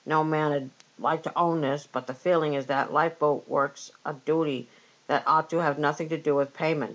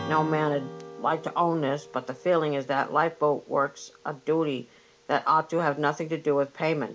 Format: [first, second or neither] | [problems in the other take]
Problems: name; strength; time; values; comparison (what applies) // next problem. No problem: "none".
first | background sound (Strum); 17 dB below the speech